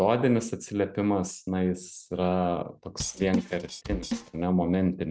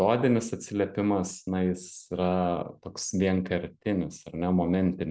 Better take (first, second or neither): second